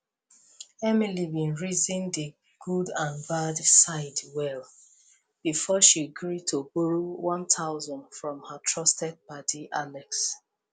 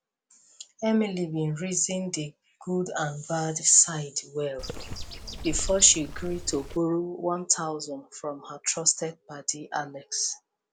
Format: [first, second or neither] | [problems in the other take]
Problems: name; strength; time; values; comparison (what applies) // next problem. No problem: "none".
first | background sound (Bird); 7 dB below the speech